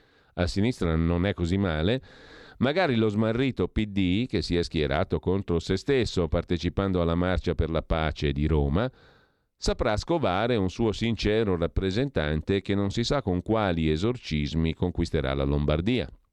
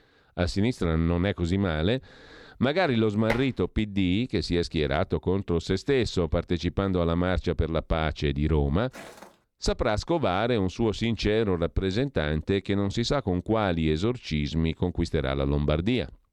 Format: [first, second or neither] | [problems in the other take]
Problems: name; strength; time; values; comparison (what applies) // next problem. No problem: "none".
first | clattering dishes; noticeable; at 3.5 s; peak 7 dB below the speech // footsteps; faint; at 9 s; peak 20 dB below the speech